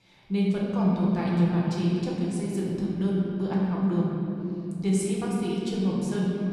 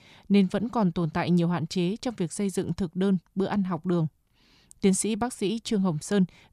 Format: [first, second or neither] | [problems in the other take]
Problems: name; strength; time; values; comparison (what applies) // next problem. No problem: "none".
second | room echo; strong; dies away in 3 s // off-mic speech; far